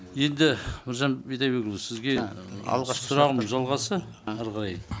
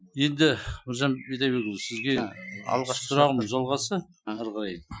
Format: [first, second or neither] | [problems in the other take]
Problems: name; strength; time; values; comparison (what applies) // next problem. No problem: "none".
first | noise reduction (classical method Wiener filter)